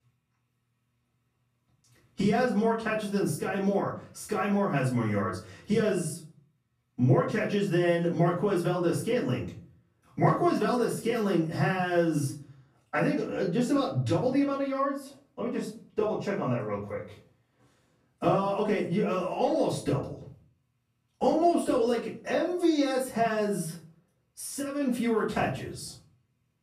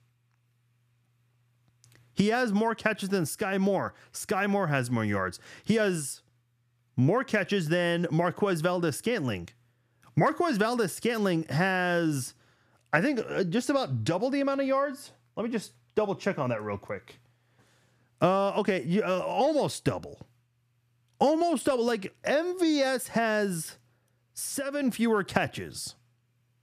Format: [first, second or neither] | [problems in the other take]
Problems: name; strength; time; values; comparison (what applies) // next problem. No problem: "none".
second | off-mic speech; far // room echo; slight; dies away in 0.4 s